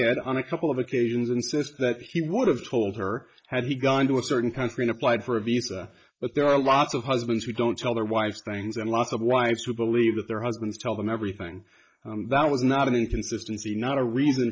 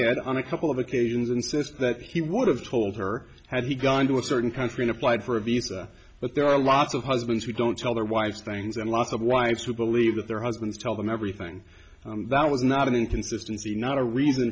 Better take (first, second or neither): second